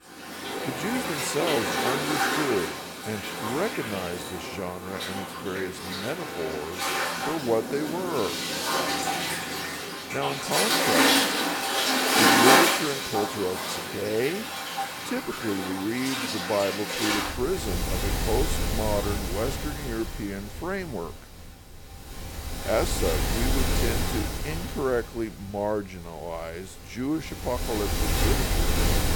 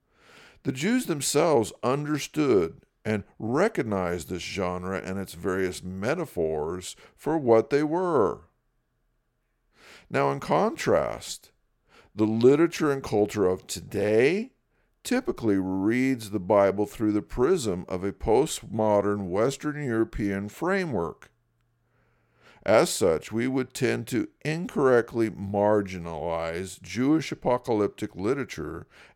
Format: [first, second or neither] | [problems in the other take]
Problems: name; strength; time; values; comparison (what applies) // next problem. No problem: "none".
second | rain or running water; very loud; throughout; 4 dB above the speech